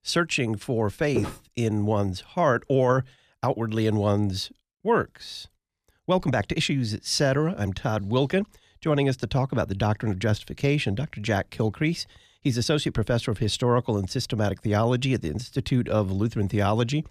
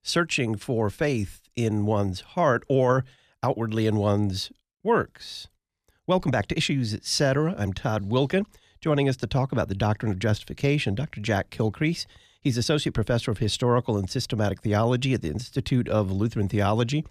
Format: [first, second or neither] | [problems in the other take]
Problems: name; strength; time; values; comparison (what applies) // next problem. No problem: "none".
second | footsteps; noticeable; at 1 s; peak 6 dB below the speech